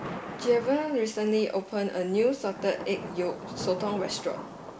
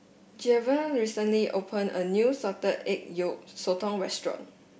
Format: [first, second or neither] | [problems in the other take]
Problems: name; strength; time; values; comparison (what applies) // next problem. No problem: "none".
second | background sound (Thunder / Rain); 11 dB below the speech